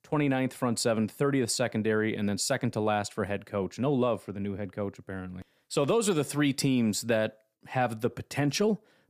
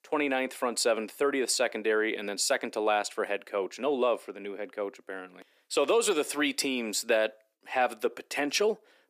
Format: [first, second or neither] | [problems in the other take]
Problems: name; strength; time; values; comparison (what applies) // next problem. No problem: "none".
first | thin; somewhat; fading below 350 Hz